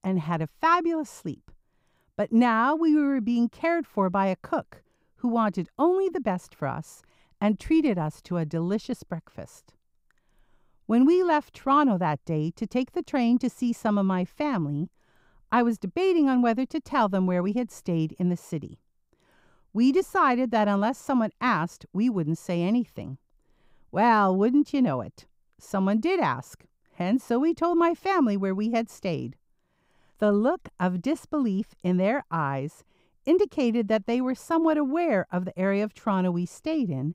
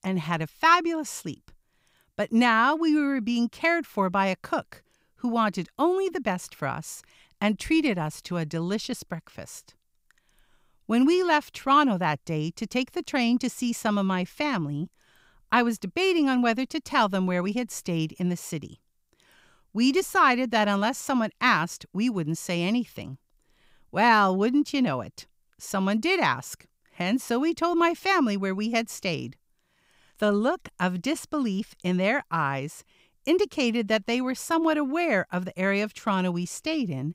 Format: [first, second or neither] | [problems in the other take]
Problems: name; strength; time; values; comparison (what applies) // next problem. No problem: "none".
second | muffled; slightly; fading above 1.5 kHz